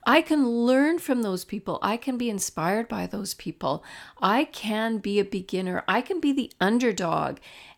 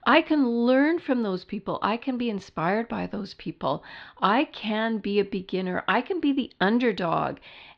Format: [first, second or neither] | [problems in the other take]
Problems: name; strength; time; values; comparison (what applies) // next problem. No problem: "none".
first | muffled; slightly; fading above 4 kHz